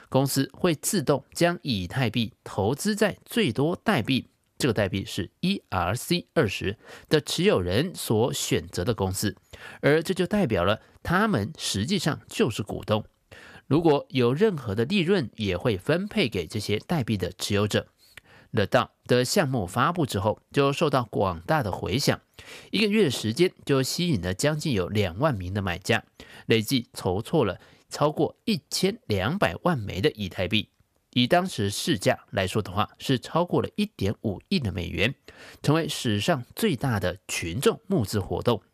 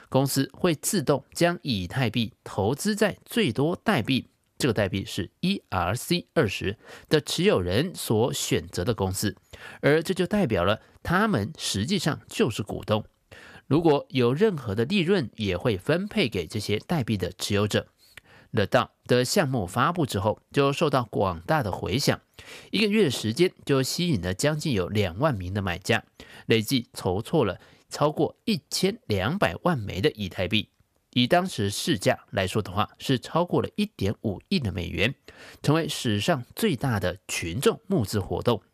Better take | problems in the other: neither | none

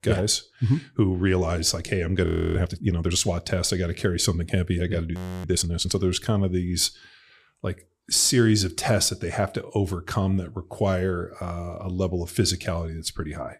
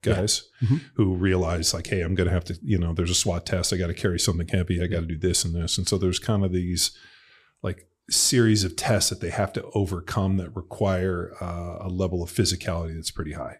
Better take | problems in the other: second | audio freezing; at 2.5 s and at 5 s

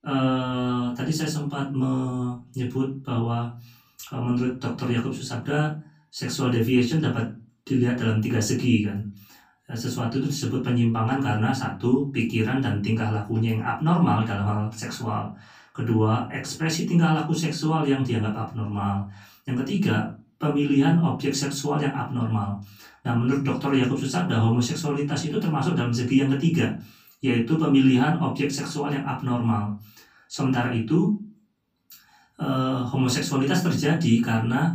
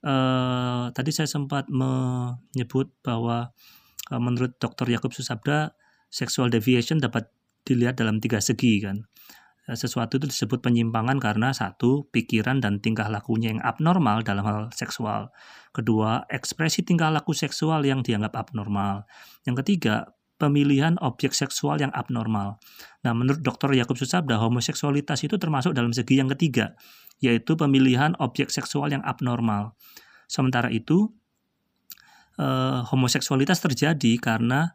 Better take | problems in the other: second | off-mic speech; far // room echo; slight; dies away in 0.3 s

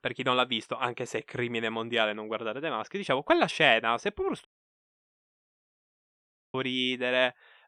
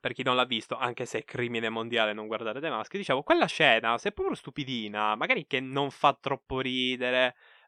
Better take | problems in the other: second | audio cutting out; at 4.5 s for 2 s

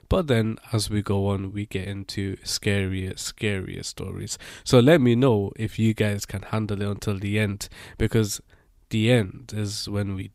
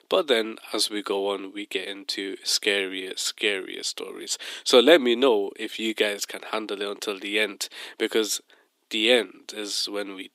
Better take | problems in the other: first | thin; somewhat; fading below 300 Hz

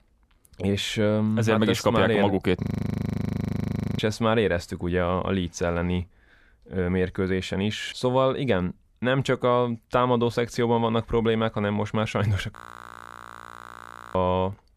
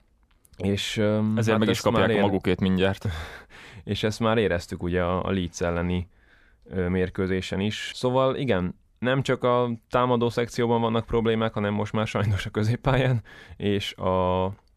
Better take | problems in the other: second | audio freezing; at 2.5 s for 1.5 s and at 13 s for 1.5 s

